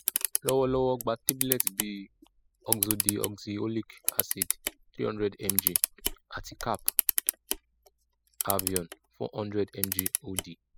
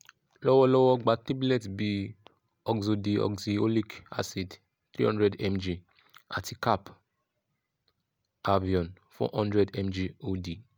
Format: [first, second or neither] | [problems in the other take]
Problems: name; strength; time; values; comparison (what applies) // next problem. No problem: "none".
second | noise reduction (classical method spectral subtraction)